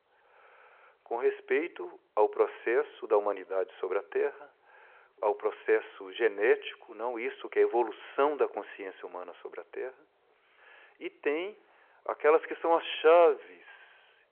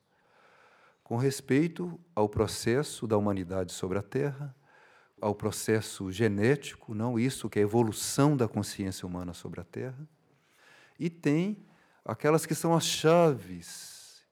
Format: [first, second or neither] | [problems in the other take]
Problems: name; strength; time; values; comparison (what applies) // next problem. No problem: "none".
second | phone-call audio